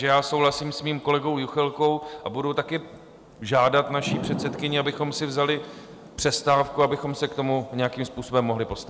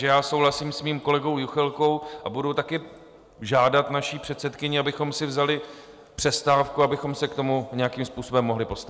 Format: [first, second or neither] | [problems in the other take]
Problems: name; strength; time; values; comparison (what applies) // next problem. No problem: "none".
second | background sound (Thunder / Rain); 15 dB below the speech